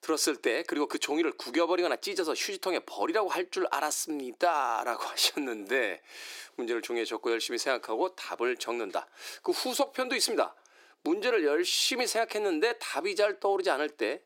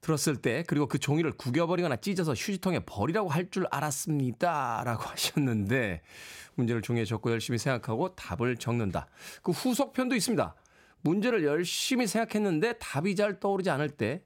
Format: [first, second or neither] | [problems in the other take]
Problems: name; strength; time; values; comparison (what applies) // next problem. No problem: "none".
second | thin; somewhat; fading below 350 Hz